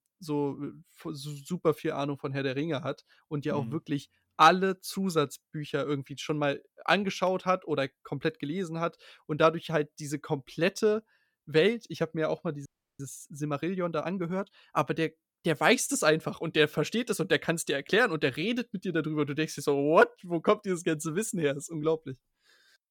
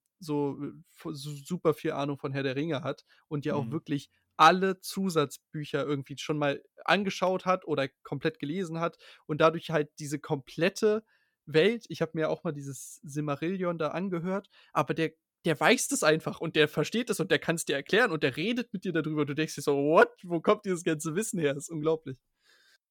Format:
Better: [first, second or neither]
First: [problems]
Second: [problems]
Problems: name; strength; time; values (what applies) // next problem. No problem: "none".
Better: second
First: audio freezing; at 13 s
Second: none